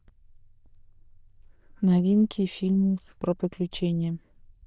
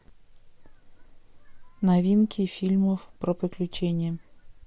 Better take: second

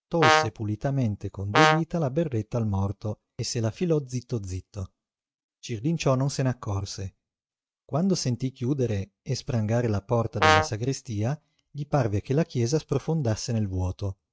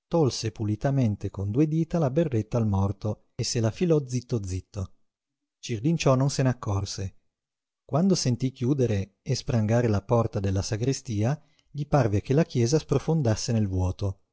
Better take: second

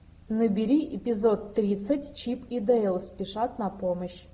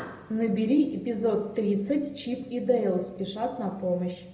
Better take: first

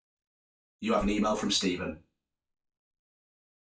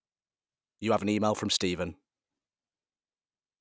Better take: second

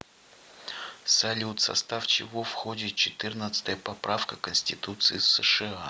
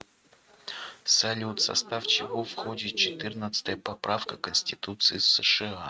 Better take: first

